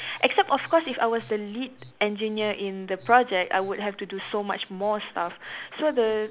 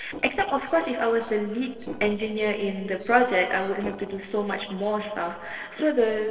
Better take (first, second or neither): first